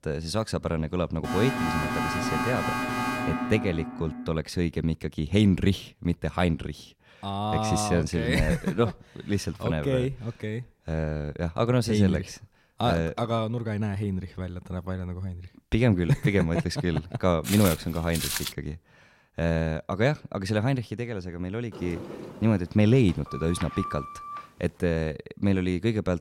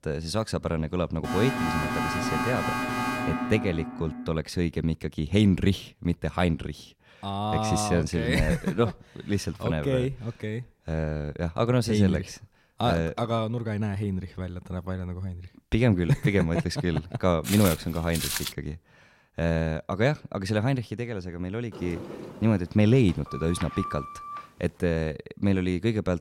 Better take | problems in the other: neither | alarm; noticeable; from 1 to 4.5 s; peak level with the speech; the same in both // footsteps; noticeable; from 17 to 19 s; peak 1 dB below the speech; the same in both // door banging; noticeable; from 22 to 24 s; peak 8 dB below the speech; the same in both

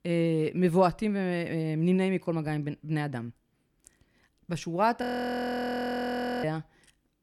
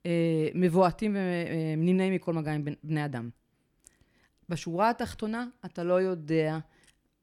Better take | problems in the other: second | audio freezing; at 5 s for 1.5 s

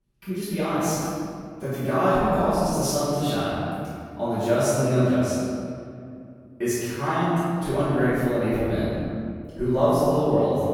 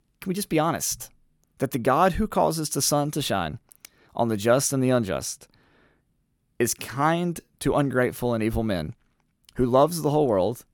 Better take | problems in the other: second | off-mic speech; far // room echo; strong; dies away in 2.1 s

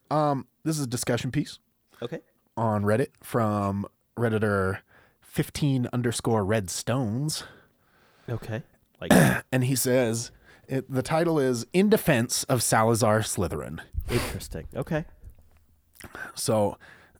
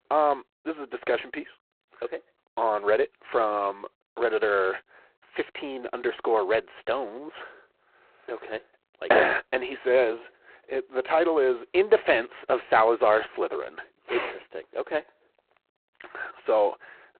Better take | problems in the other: first | phone-call audio; poor line; nothing above 4 kHz

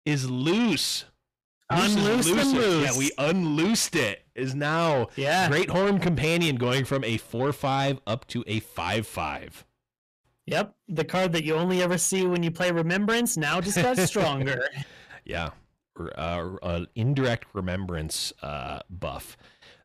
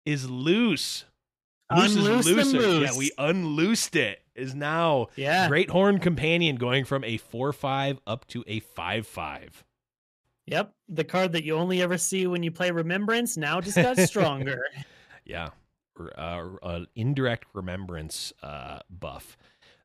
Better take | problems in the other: second | distortion; heavy; 8 dB below the speech

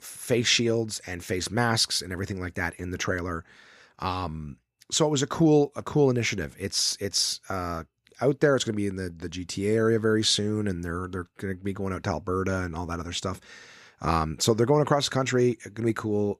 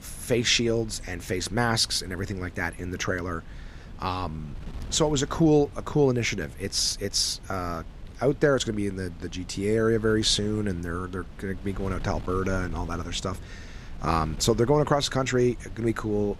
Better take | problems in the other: first | wind noise on the microphone; occasional gusts; 25 dB below the speech

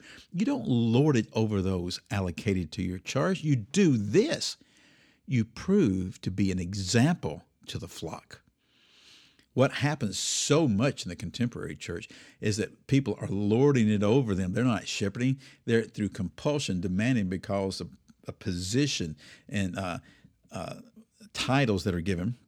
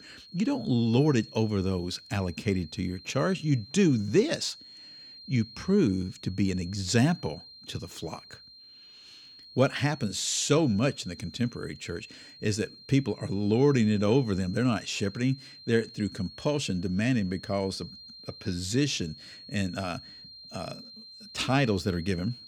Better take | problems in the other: first | high-pitched whine; noticeable; throughout; 4.5 kHz, 20 dB below the speech

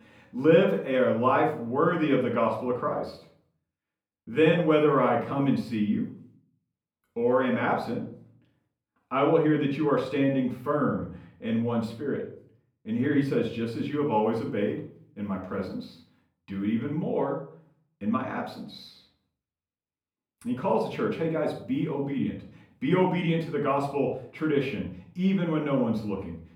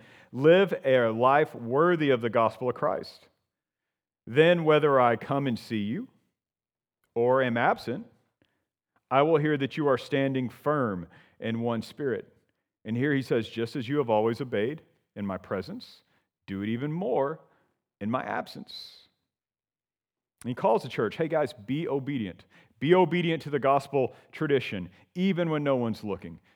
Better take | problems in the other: second | room echo; noticeable; dies away in 0.4 s // off-mic speech; far

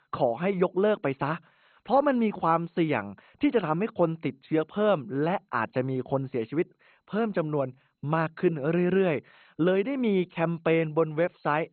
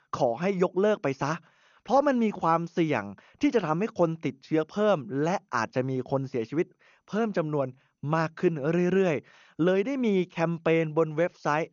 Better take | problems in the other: second | garbled, watery; badly; nothing above 4 kHz; slightly in the second

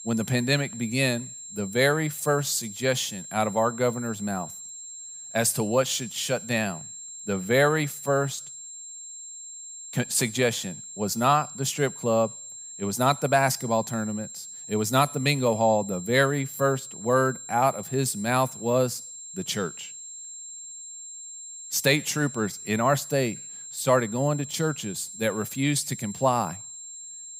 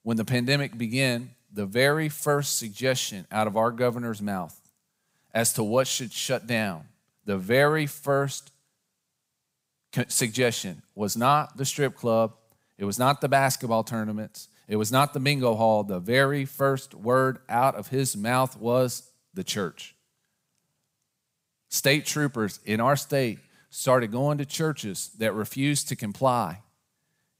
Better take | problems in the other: second | high-pitched whine; noticeable; throughout; 7.5 kHz, 10 dB below the speech

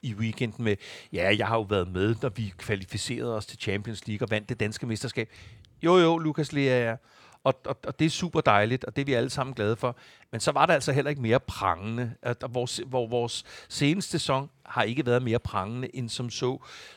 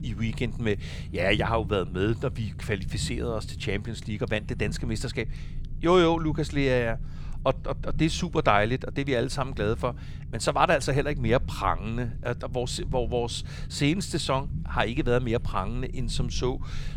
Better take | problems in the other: first | low rumble; faint; throughout; 20 dB below the speech

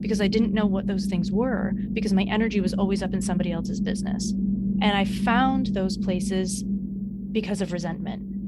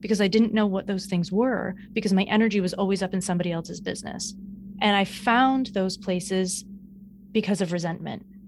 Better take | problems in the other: second | low rumble; loud; throughout; 6 dB below the speech; faint in the second

